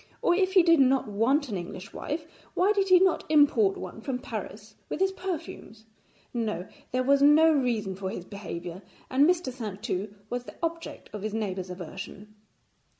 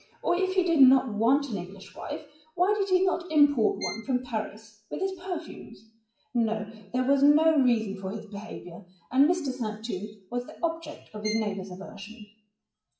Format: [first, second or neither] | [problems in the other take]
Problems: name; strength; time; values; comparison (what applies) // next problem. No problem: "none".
first | noise reduction (classical method WPE with log-MMSE)